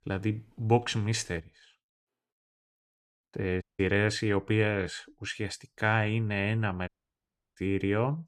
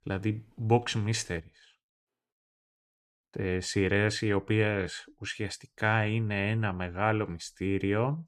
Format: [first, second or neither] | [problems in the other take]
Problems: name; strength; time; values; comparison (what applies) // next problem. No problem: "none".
second | audio cutting out; at 3.5 s and at 7 s for 0.5 s